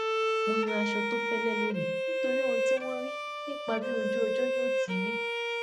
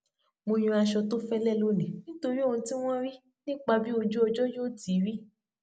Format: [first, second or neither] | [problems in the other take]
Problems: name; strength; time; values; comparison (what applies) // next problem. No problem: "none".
second | background sound (Bowed string instrument); 5 dB above the speech